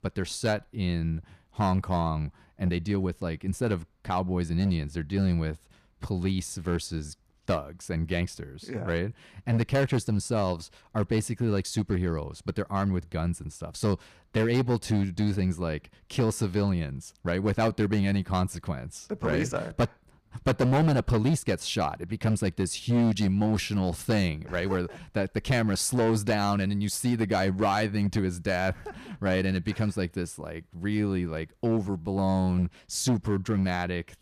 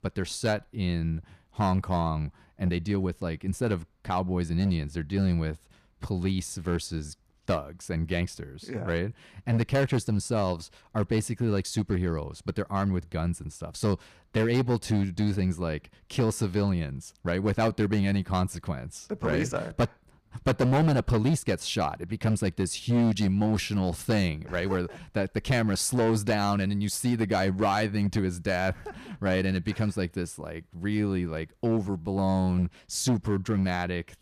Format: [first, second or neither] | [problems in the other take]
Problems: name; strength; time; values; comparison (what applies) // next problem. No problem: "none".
neither | distortion; slight; 5% of the sound clipped; the same in both